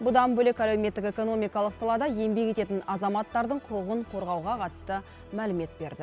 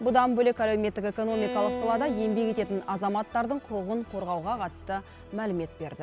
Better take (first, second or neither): first